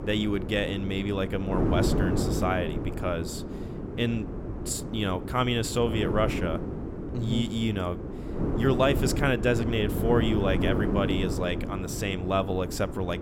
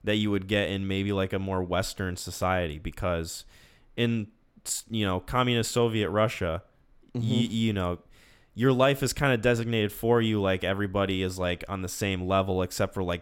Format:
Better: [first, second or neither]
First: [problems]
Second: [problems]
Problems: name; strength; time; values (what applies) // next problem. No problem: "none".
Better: second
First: wind noise on the microphone; heavy; 7 dB below the speech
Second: none